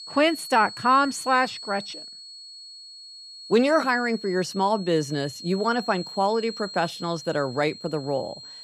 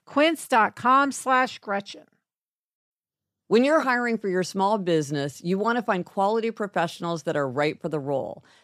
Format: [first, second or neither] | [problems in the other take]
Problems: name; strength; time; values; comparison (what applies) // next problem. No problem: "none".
second | high-pitched whine; noticeable; throughout; 4.5 kHz, 15 dB below the speech